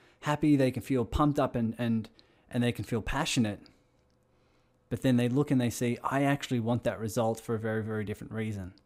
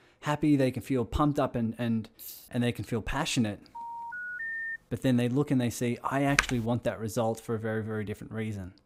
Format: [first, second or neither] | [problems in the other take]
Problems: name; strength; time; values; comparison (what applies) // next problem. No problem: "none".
first | jangling keys; faint; at 2 s; peak 15 dB below the speech // phone ringing; noticeable; from 4 to 5 s; peak 3 dB below the speech // keyboard typing; loud; at 6.5 s; peak 1 dB above the speech